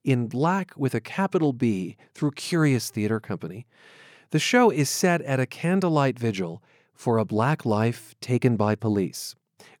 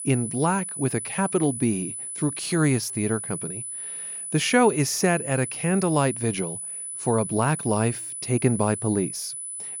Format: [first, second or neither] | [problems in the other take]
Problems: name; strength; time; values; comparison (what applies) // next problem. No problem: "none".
first | high-pitched whine; loud; throughout; 10 kHz, 6 dB below the speech